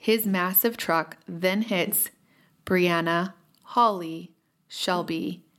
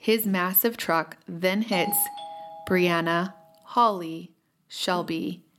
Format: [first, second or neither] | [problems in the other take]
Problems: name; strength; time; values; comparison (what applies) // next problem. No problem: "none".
first | doorbell; noticeable; from 1.5 to 3 s; peak 7 dB below the speech